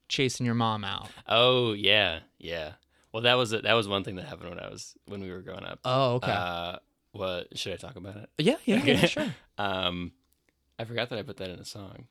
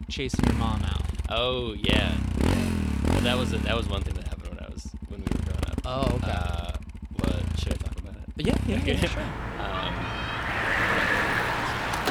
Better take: first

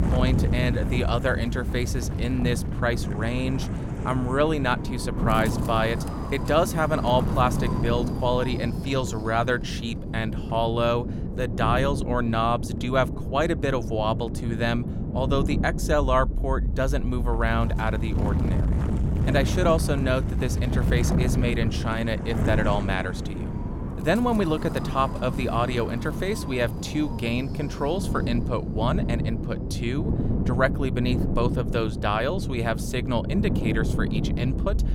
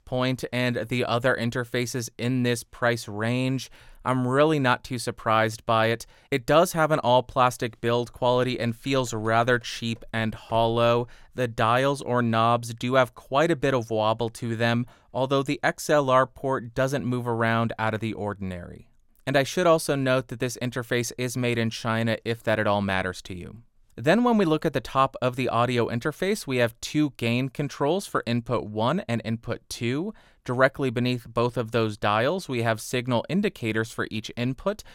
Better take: second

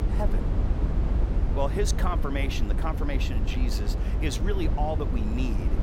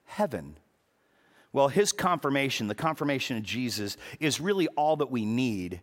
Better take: second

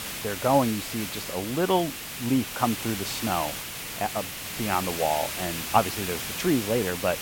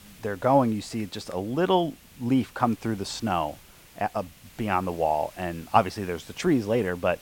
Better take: second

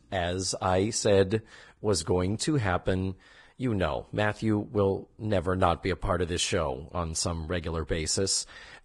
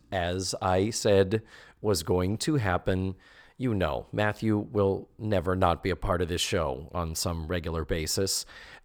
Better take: second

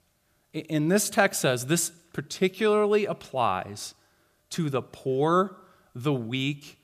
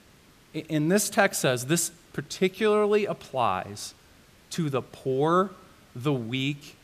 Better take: first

